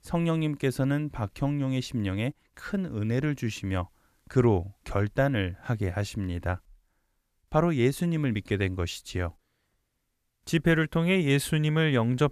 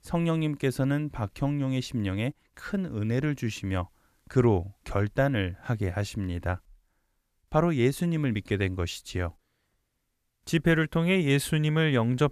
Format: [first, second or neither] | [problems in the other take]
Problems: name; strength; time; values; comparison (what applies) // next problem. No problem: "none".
neither | none